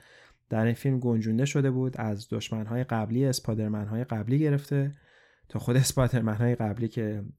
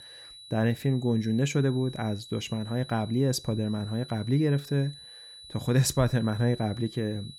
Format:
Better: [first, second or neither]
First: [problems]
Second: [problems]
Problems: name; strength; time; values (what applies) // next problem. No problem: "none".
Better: first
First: none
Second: high-pitched whine; noticeable; throughout; 4 kHz, 15 dB below the speech